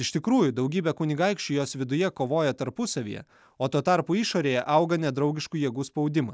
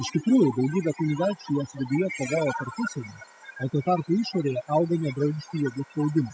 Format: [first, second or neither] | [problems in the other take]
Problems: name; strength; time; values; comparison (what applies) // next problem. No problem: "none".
first | noise reduction (classical method spectral subtraction)